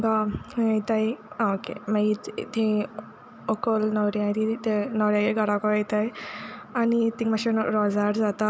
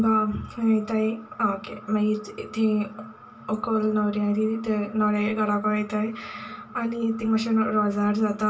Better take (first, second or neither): first